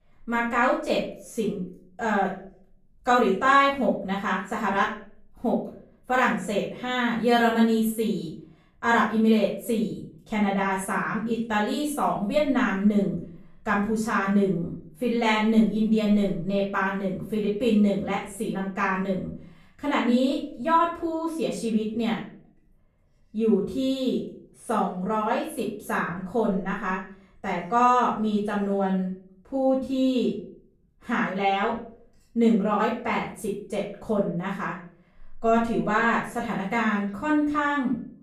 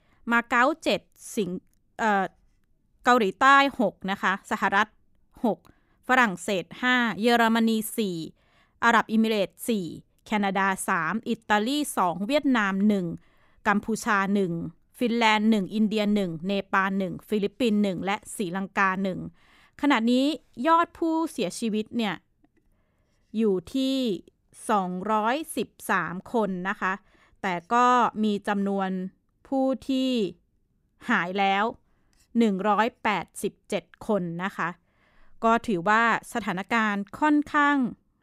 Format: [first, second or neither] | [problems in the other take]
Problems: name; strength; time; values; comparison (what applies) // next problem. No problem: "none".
second | off-mic speech; far // room echo; noticeable; dies away in 0.4 s